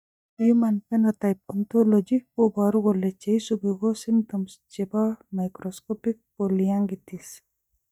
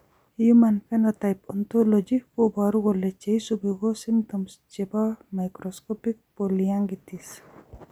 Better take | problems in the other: second | noise reduction (neural mask model DeepFilterNet 3)

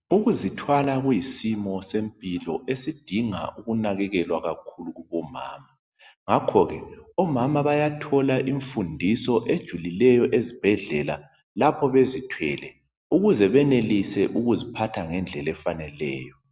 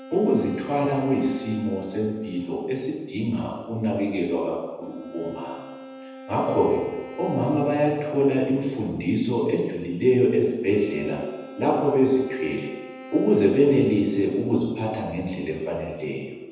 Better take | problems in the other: first | background sound (Wind instrument, woodwind instrument); 19 dB below the speech // room echo; dies away in 1 s

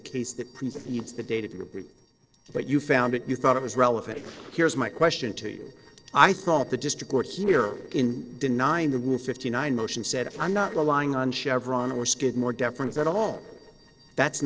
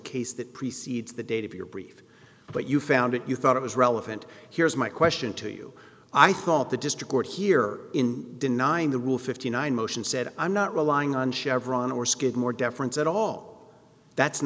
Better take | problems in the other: second | noise reduction (neural separator model SepFormer DNS4)

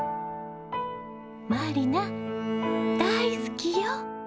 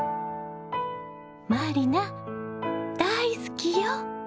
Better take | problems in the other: second | background sound (Bowed string instrument); 3 dB below the speech

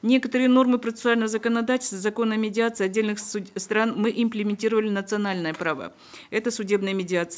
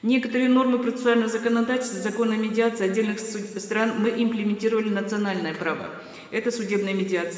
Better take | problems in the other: first | room echo; dies away in 2.2 s

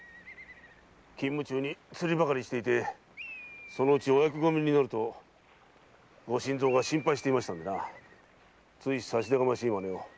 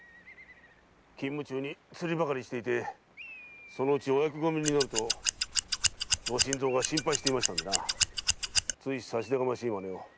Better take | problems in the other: first | background sound (Scissors); 2 dB above the speech

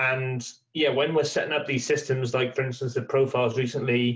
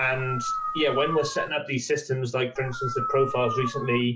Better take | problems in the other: first | noise reduction (classical method log-MMSE)

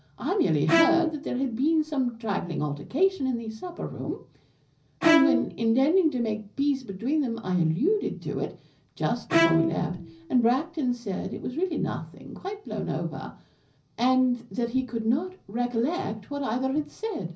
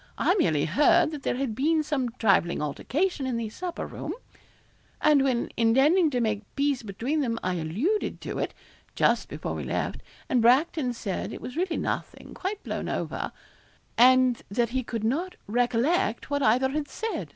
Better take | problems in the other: second | background sound (Bowed string instrument); 1 dB below the speech // room echo; dies away in 0.5 s

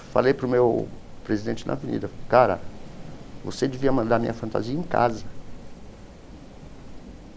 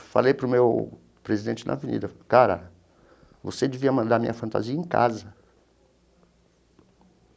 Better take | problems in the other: second | background sound (Rain); 10 dB below the speech

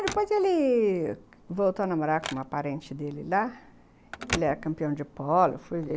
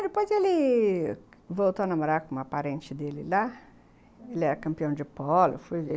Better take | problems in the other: second | background sound (Telephone); 14 dB below the speech

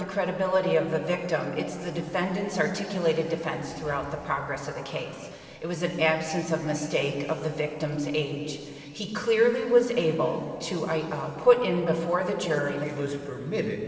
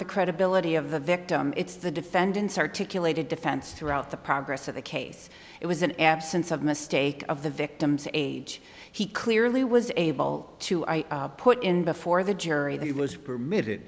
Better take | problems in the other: second | room echo; dies away in 2.8 s

